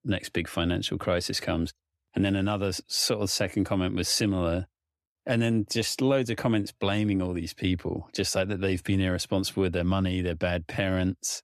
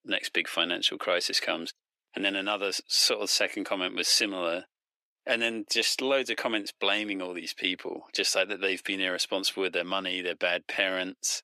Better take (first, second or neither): first